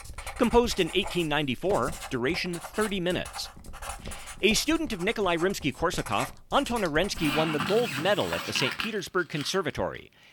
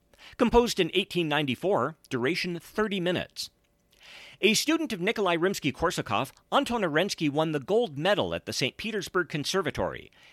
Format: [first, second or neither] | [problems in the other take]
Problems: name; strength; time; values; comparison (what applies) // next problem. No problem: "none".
second | household noises; loud; throughout; 9 dB below the speech